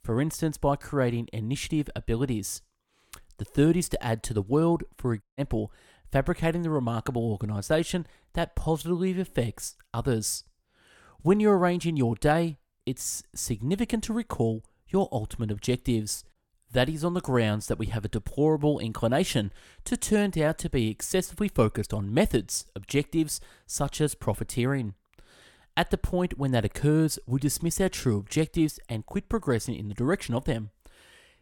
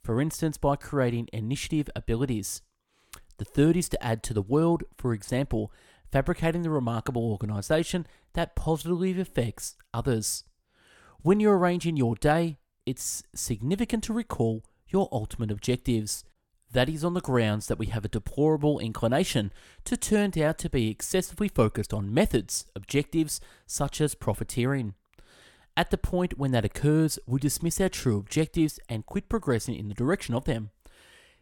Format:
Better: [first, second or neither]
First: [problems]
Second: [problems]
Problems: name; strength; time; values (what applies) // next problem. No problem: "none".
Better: second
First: audio cutting out; at 5 s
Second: none